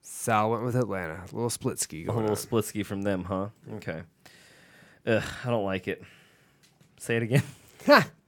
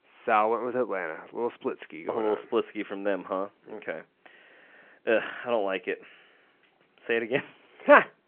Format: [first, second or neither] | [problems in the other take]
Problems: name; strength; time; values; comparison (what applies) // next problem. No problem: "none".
first | phone-call audio